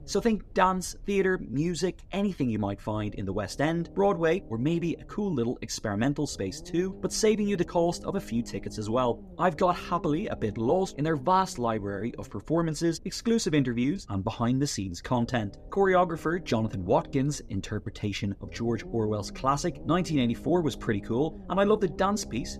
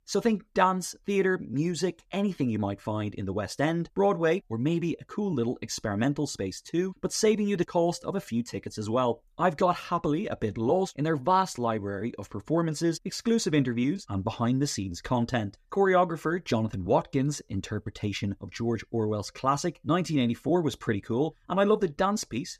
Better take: second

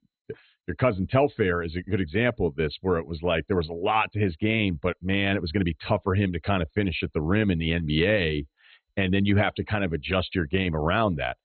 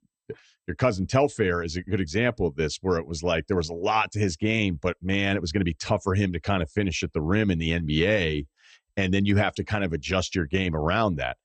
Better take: second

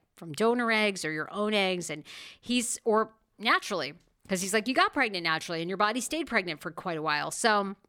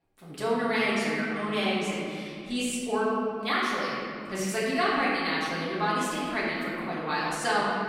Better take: first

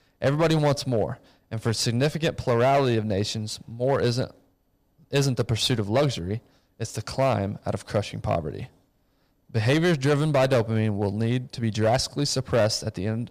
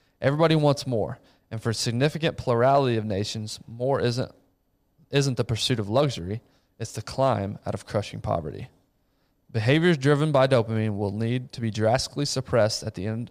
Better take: second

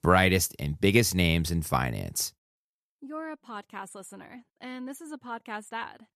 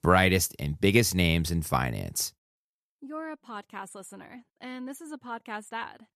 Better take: neither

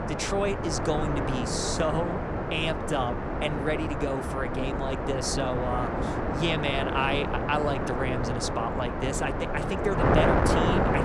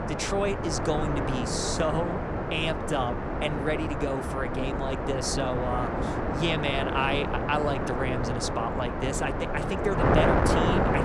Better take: neither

